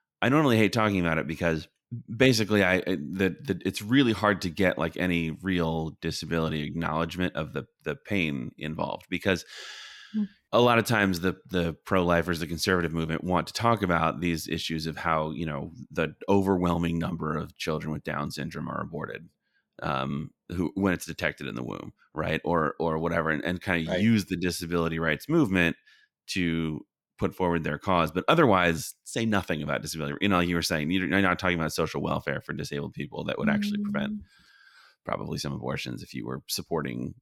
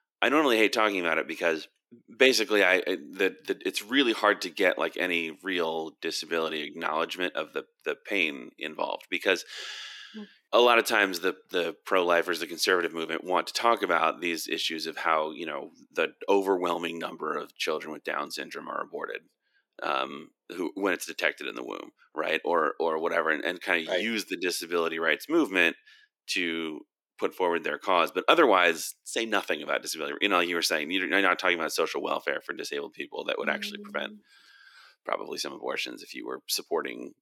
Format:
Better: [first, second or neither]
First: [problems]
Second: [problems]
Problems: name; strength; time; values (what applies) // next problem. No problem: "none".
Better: first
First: none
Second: thin; somewhat; fading below 350 Hz